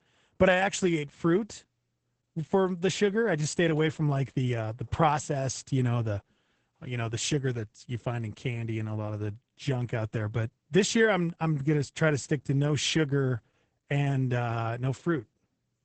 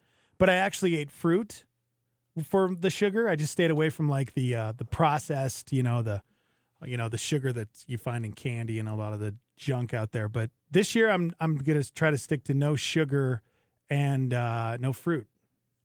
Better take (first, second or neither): second